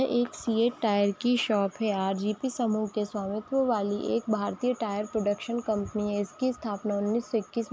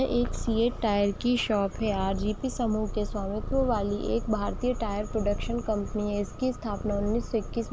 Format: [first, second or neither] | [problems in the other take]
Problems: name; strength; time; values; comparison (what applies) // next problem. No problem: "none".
first | background sound (Purr); 6 dB below the speech